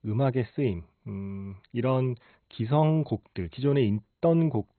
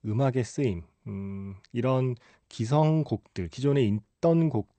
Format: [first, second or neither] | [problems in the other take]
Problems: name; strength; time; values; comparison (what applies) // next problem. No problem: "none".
second | garbled, watery; badly; nothing above 4 kHz; slightly in the second